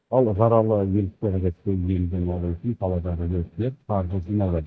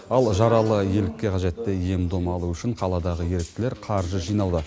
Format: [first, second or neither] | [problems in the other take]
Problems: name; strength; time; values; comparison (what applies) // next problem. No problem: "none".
second | noise reduction (neural mask model DeepFilterNet 3)